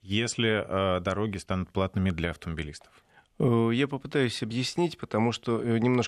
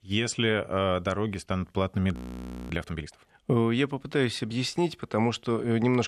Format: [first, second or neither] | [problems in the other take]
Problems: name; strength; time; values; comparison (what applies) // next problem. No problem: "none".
first | audio freezing; at 2 s for 0.5 s